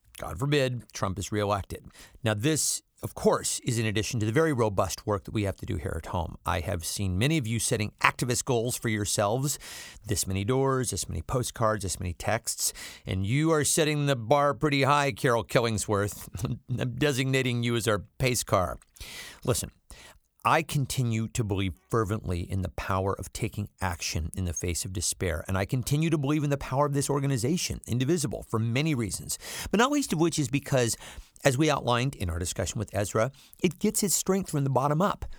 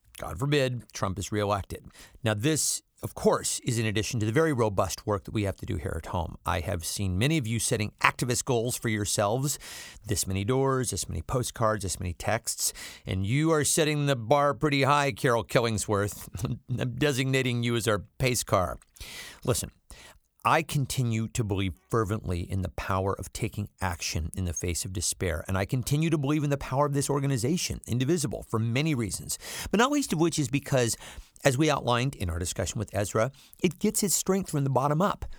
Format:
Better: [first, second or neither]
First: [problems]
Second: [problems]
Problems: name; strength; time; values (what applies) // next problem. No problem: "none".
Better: neither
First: none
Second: none